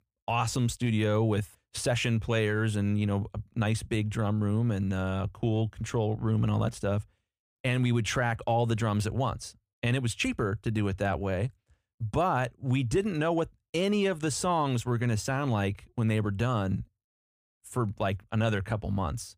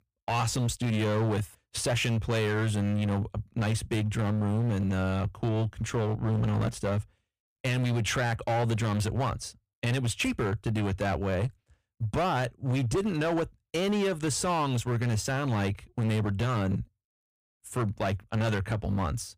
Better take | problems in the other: first | distortion; slight; 16% of the sound clipped

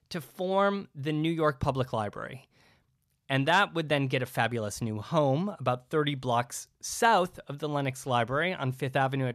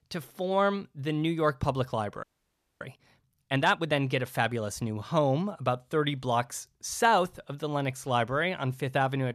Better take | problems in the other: first | audio freezing; at 2 s for 0.5 s

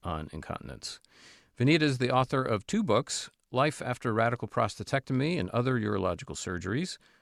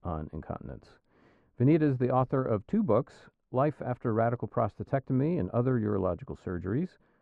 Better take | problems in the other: first | muffled; very; fading above 2.5 kHz

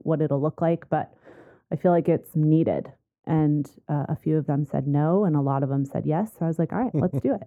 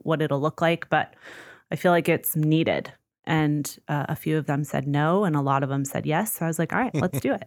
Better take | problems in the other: second | muffled; very; fading above 1.5 kHz

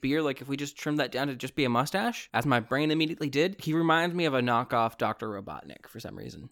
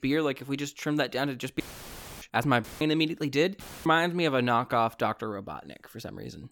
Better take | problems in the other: first | audio cutting out; filled with static; at 1.5 s for 0.5 s, at 2.5 s and at 3.5 s

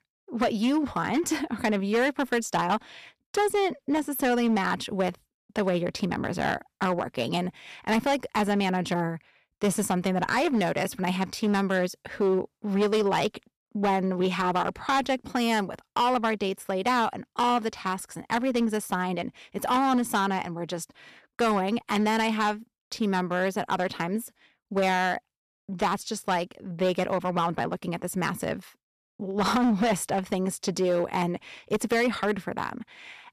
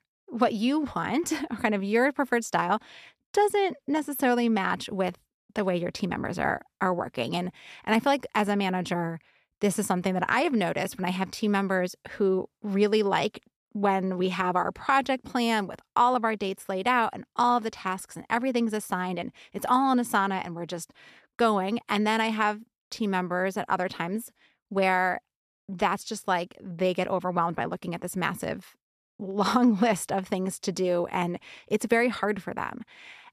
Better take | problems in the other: second | distortion; slight; 7% of the sound clipped

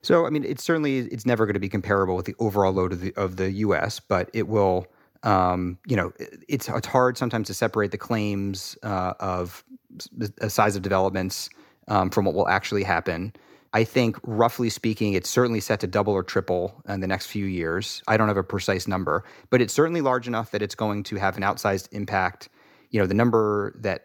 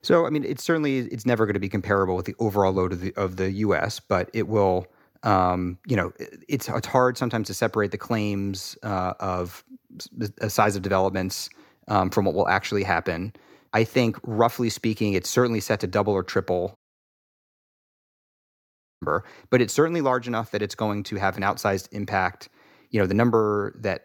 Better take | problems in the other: first | audio cutting out; at 17 s for 2.5 s

